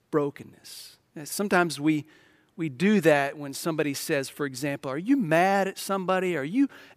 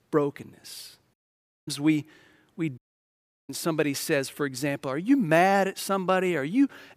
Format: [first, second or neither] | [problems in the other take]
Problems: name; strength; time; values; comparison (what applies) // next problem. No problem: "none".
first | audio cutting out; at 1 s for 0.5 s and at 3 s for 0.5 s